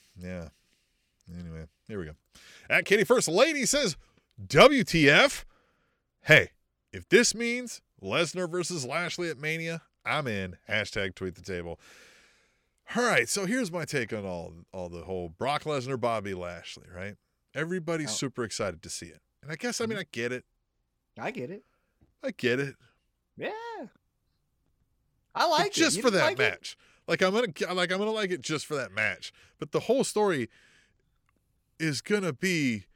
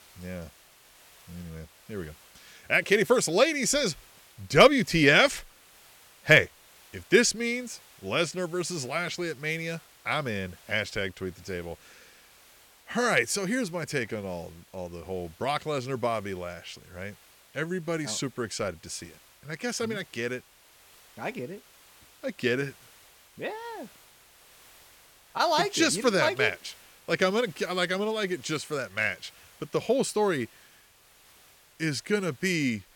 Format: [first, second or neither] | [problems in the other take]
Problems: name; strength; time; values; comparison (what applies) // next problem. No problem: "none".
first | hiss; faint; throughout; 25 dB below the speech